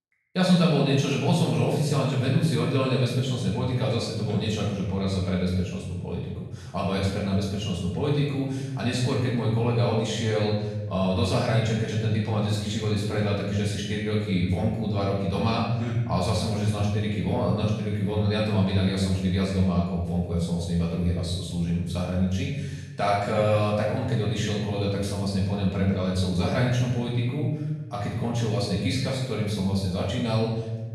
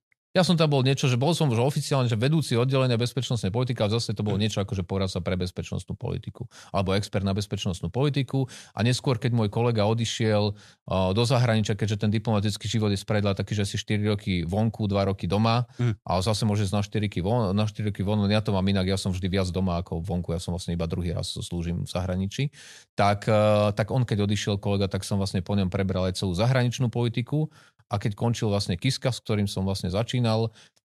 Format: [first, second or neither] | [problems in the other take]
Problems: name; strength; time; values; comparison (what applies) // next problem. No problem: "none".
second | off-mic speech; far // room echo; noticeable; dies away in 1 s